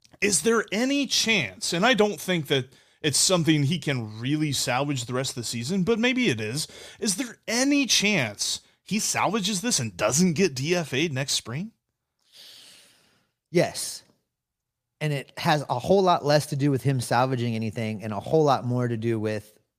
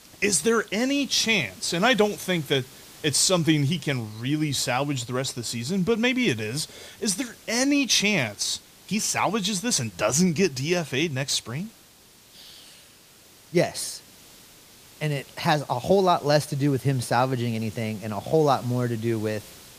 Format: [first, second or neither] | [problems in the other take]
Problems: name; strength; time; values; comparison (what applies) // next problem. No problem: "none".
first | hiss; faint; throughout; 25 dB below the speech